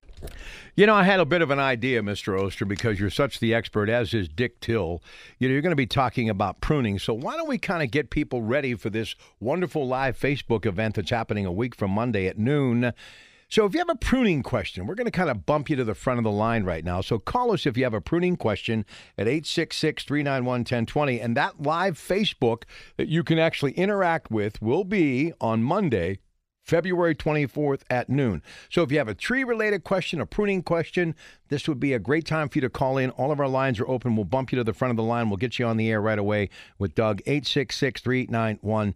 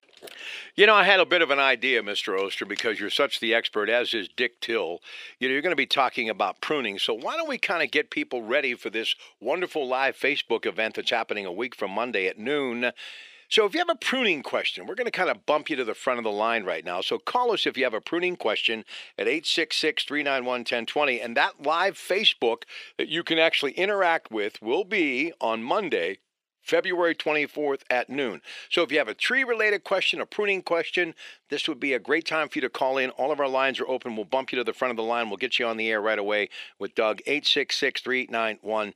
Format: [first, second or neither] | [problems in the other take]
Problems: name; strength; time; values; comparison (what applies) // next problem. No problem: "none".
first | thin; somewhat; fading below 350 Hz